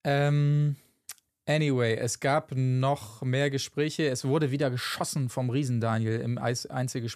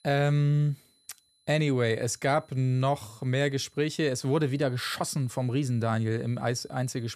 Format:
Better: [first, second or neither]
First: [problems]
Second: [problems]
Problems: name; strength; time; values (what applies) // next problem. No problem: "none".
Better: first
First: none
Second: high-pitched whine; faint; throughout; 4 kHz, 35 dB below the speech